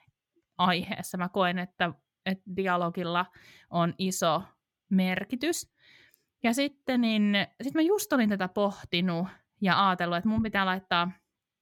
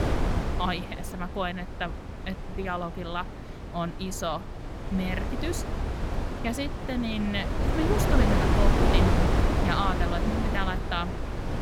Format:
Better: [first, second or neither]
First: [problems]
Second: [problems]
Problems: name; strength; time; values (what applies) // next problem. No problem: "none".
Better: first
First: none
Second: wind noise on the microphone; heavy; 1 dB above the speech